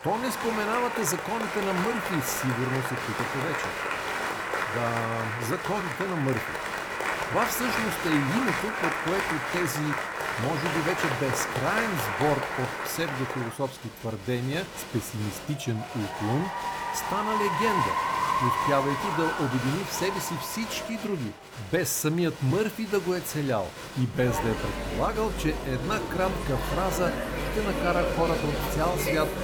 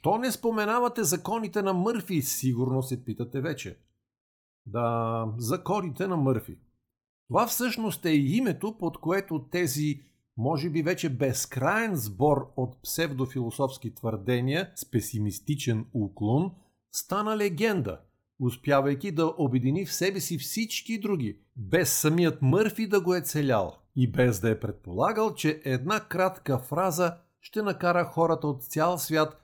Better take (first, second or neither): second